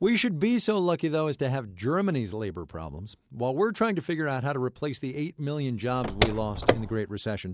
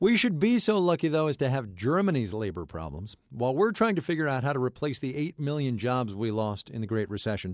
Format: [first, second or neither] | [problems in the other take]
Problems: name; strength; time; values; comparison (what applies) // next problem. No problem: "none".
second | background sound (Car); as loud as the speech